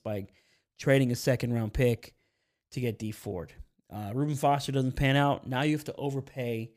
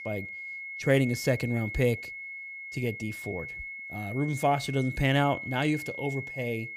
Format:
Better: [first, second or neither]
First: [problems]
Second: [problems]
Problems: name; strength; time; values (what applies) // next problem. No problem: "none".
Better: first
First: none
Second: high-pitched whine; loud; throughout; 2 kHz, 8 dB below the speech